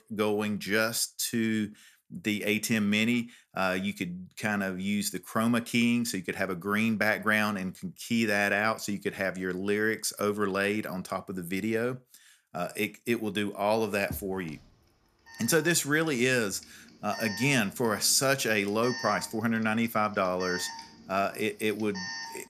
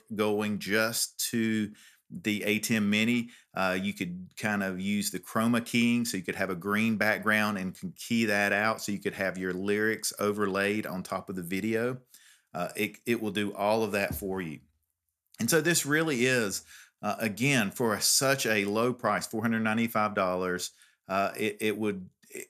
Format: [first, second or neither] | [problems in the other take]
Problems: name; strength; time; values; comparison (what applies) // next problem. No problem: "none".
second | alarm; noticeable; from 14 s on; peak 7 dB below the speech